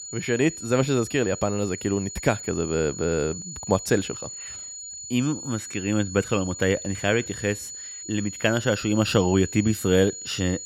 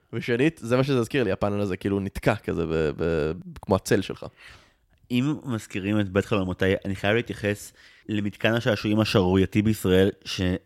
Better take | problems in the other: second | high-pitched whine; loud; throughout; 7 kHz, 10 dB below the speech

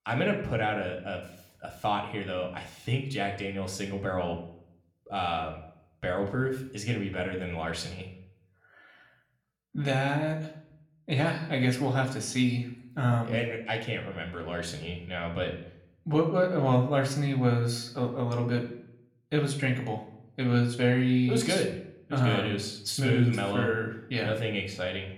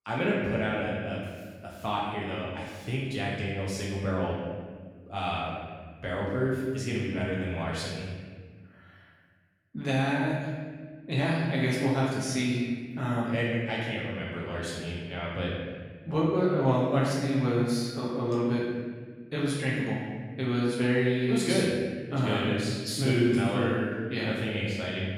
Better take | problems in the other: first | room echo; strong; dies away in 1.5 s; slight in the first // off-mic speech; far; somewhat distant in the first

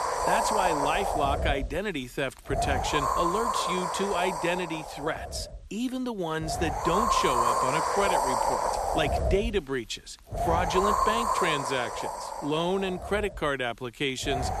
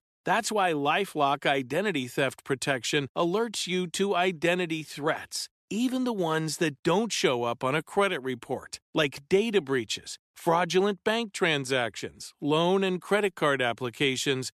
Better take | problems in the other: second | wind noise on the microphone; heavy; 4 dB above the speech

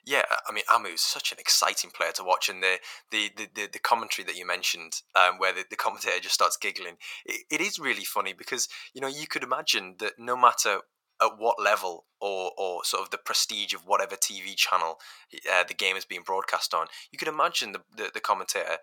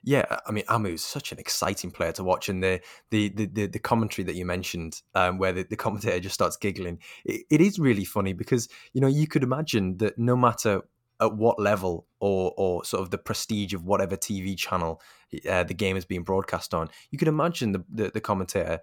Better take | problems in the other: second | thin; very; fading below 950 Hz

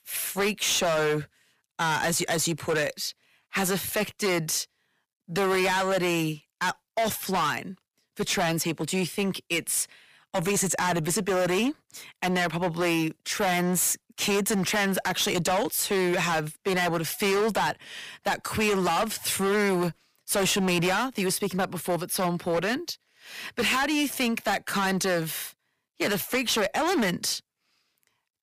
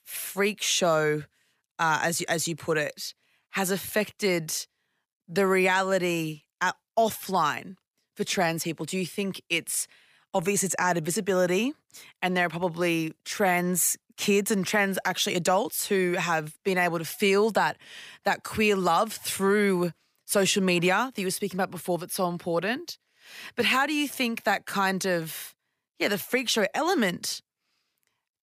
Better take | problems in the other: second | distortion; heavy; 18% of the sound clipped

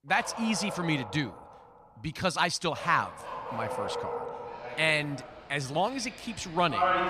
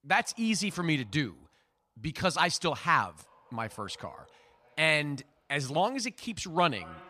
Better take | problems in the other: second | animal sounds; loud; throughout; 6 dB below the speech; faint in the second

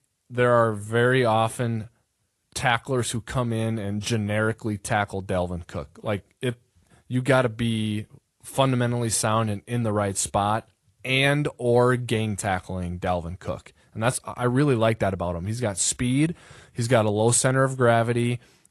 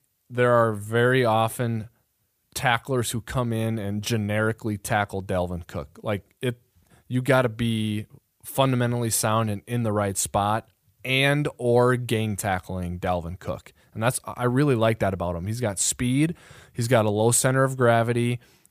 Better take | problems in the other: second | garbled, watery; slightly; nothing above 11 kHz

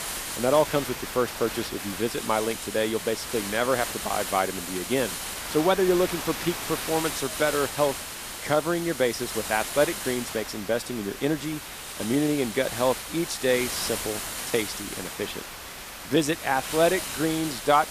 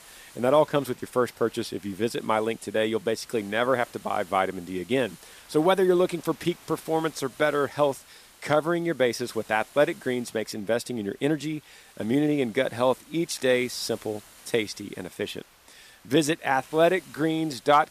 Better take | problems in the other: second | hiss; loud; throughout; 6 dB below the speech; faint in the second

